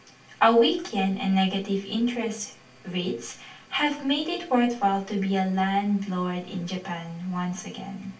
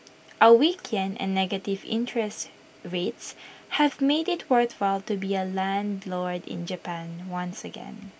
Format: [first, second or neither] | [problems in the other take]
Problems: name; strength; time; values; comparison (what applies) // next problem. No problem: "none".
second | room echo; dies away in 0.3 s